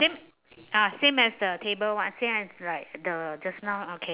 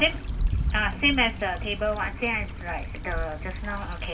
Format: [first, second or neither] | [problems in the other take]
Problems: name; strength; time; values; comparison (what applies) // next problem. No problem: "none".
first | background sound (Stream / Trickle, dribble / Traffic noise, roadway noise); 2 dB below the speech // room echo; dies away in 0.2 s